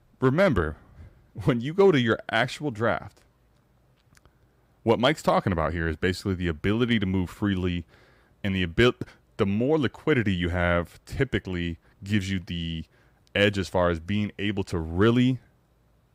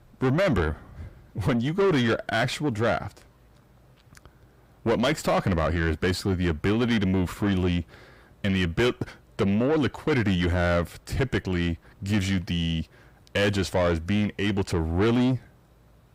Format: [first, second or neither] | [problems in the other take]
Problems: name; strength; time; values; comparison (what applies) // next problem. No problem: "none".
first | distortion; heavy; 7 dB below the speech